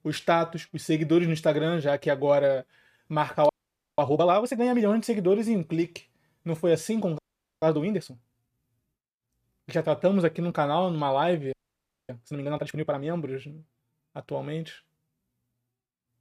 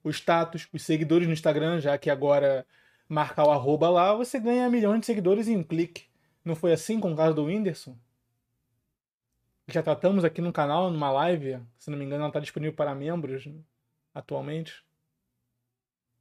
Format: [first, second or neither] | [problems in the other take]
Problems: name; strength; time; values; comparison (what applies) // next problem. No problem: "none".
second | audio freezing; at 3.5 s, at 7 s and at 12 s for 0.5 s